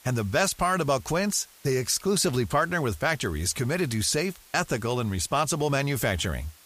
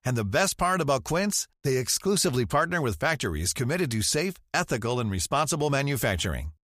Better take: second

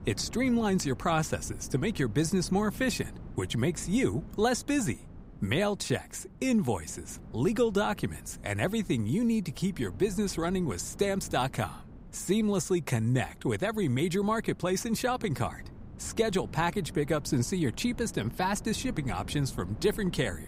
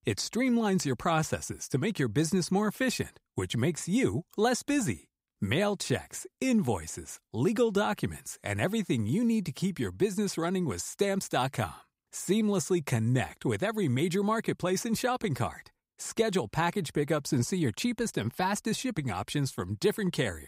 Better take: second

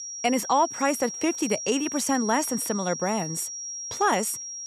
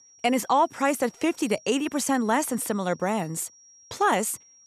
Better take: second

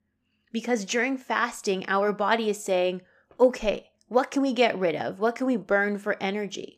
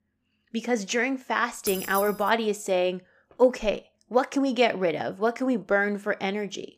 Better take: first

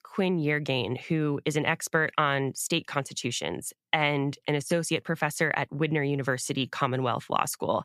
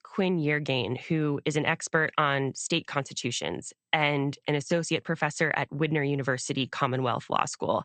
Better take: first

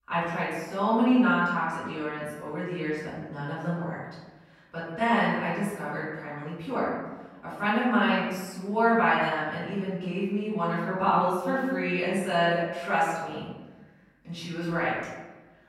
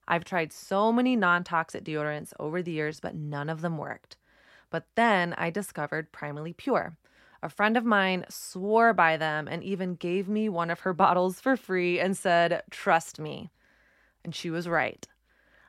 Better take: second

